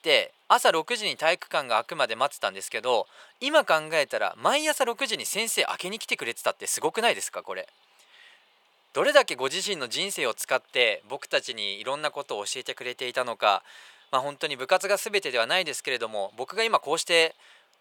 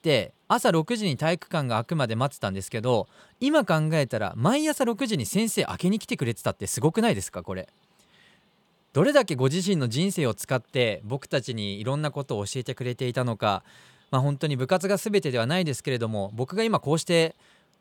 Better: second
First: thin; very; fading below 650 Hz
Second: none

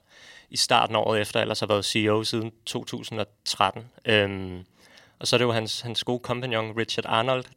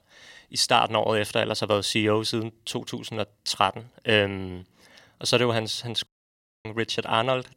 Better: first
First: none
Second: audio cutting out; at 6 s for 0.5 s

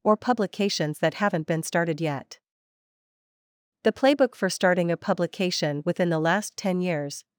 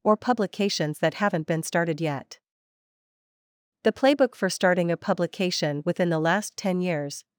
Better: neither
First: none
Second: none

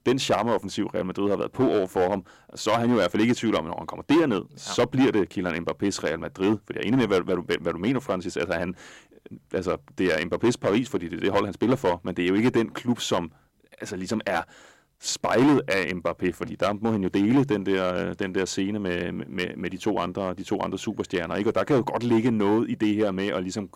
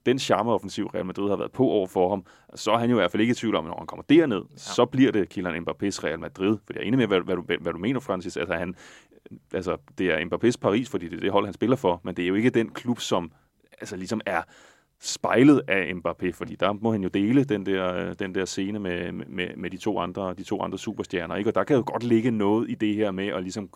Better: second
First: distortion; slight; 4% of the sound clipped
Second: none

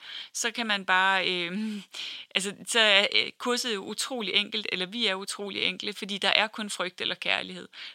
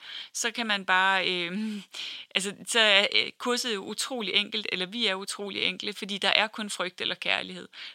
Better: neither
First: thin; somewhat; fading below 650 Hz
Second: thin; somewhat; fading below 650 Hz

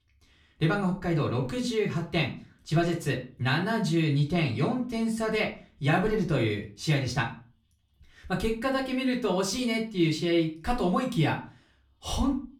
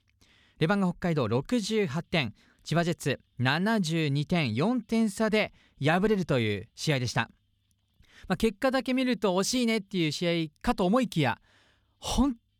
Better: second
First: off-mic speech; far // room echo; very slight; dies away in 0.3 s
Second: none

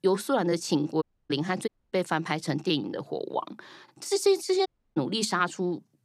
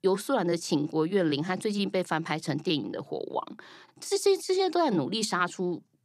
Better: second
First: audio cutting out; at 1 s, at 1.5 s and at 4.5 s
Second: none

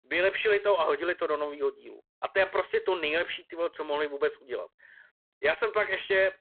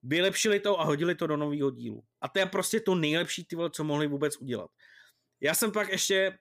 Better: second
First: phone-call audio; poor line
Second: none

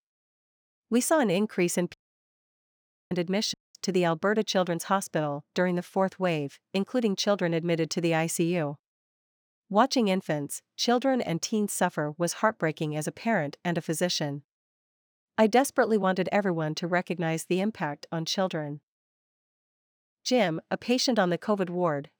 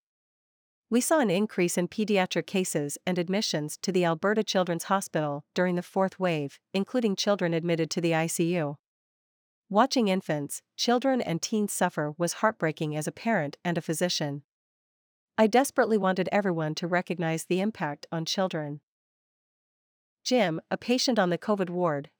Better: second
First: audio cutting out; at 2 s for 1 s and at 3.5 s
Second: none

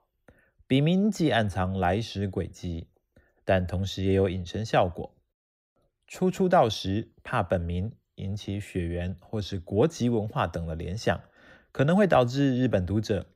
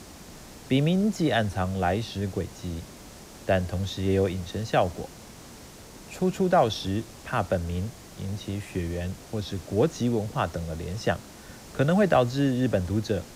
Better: first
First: none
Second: hiss; noticeable; throughout; 20 dB below the speech

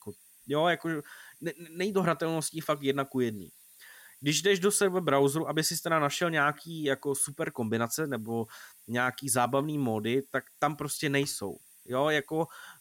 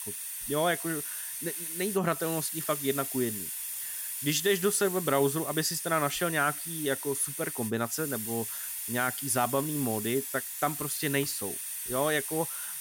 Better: first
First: hiss; faint; throughout; 25 dB below the speech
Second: hiss; loud; throughout; 4 dB below the speech

